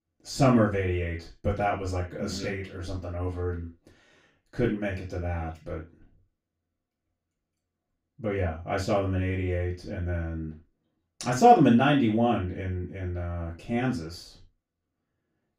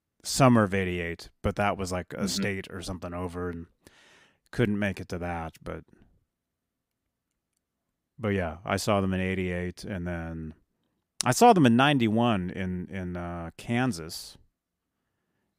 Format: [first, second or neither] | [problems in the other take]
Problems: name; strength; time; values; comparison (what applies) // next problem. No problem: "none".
second | room echo; slight; dies away in 0.3 s // off-mic speech; far